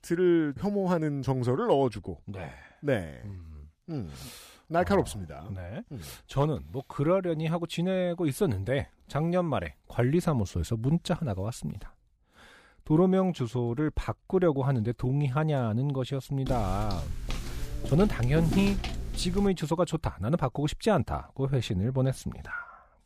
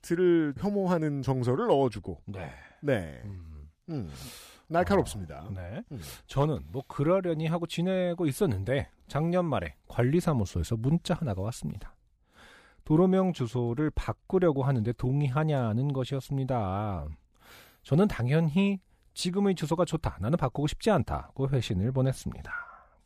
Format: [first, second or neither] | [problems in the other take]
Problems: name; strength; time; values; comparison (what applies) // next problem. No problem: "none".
second | footsteps; noticeable; from 16 to 20 s; peak 3 dB below the speech